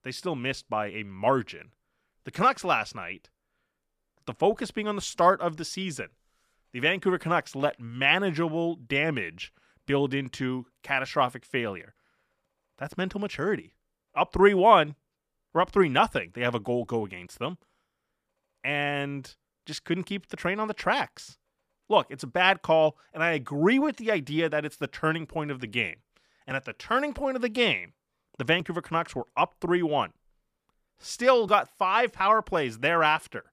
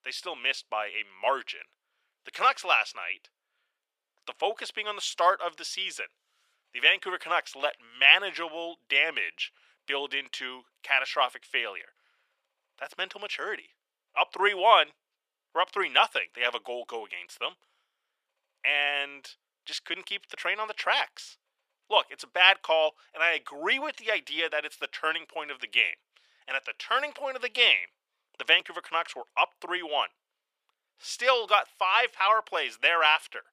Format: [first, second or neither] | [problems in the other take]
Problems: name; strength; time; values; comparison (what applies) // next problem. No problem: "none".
first | thin; very; fading below 550 Hz